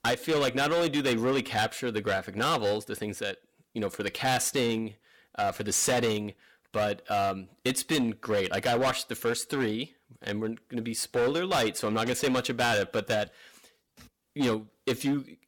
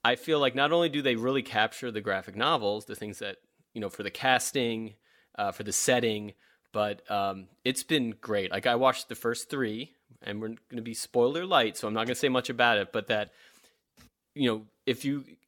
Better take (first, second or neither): second